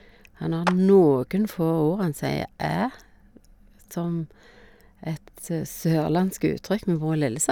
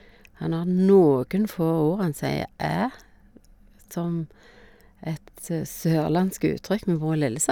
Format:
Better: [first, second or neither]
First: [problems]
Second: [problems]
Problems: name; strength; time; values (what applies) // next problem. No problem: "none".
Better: second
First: background sound (Clapping); 11 dB below the speech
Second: none